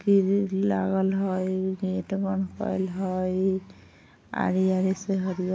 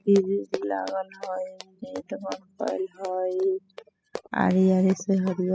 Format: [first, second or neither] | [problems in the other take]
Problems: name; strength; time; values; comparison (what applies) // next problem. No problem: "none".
first | noise reduction (classical method spectral subtraction)